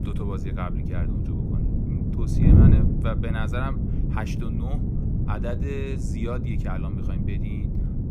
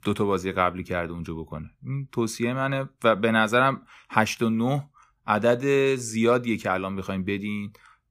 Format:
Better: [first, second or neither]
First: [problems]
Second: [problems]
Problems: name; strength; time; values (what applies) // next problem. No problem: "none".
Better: second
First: wind noise on the microphone; heavy; 1 dB above the speech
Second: none